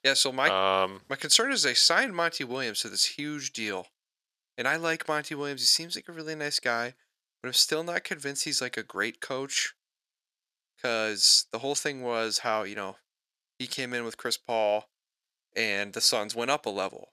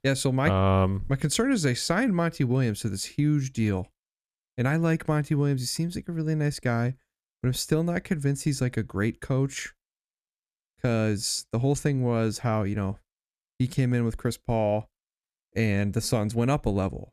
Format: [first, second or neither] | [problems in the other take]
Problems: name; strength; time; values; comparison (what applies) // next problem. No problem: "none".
second | thin; very; fading below 550 Hz